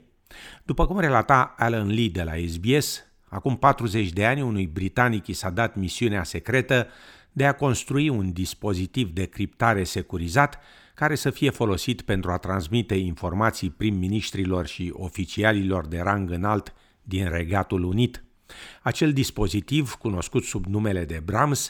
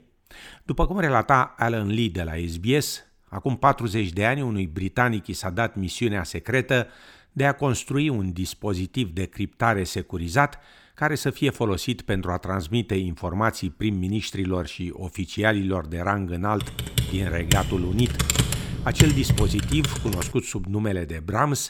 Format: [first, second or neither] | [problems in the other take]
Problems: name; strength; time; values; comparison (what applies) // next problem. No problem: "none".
first | keyboard typing; loud; from 17 to 20 s; peak 5 dB above the speech